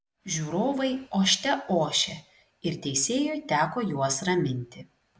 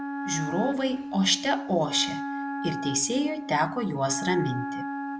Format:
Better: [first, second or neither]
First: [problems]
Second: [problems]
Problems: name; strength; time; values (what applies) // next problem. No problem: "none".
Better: first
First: none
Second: background sound (Wind instrument, woodwind instrument); 6 dB below the speech